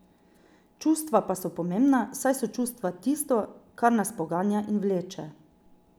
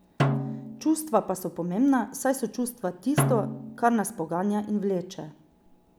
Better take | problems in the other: first | background sound (Snare drum); 5 dB below the speech

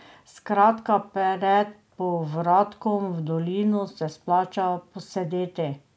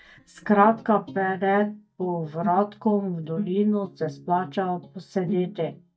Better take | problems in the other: first | noise reduction (neural mask model DeepFilterNet 3)

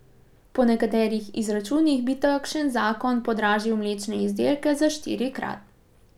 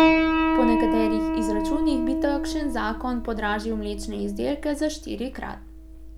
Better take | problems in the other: first | background sound (Piano); 3 dB above the speech

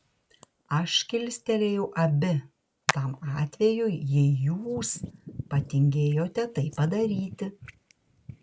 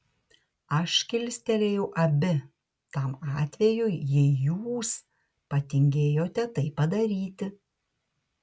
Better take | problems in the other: second | background sound (Hands); 13 dB below the speech

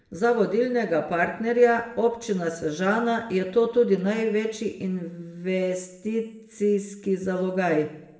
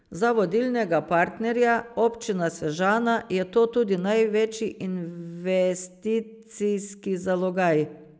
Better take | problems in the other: second | room echo; dies away in 0.7 s

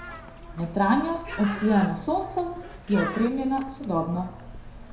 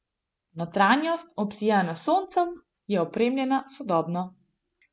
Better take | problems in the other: second | background sound (Bird); 12 dB below the speech // room echo; dies away in 0.6 s

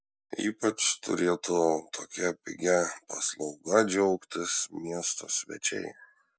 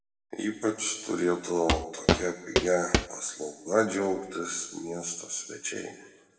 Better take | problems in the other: first | background sound (Walk, footsteps); 3 dB above the speech // room echo; dies away in 1 s

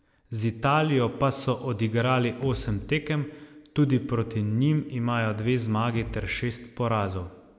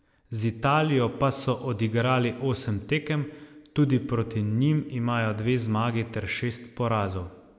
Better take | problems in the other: second | background sound (Bass drum); 17 dB below the speech

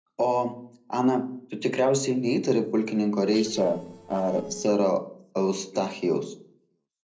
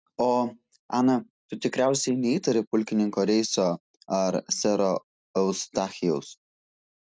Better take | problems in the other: second | noise reduction (neural separator model SepFormer DNS4)

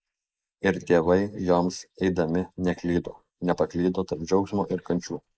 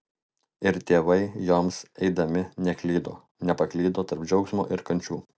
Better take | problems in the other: second | noise reduction (neural mask model Resemble Enhance denoiser)

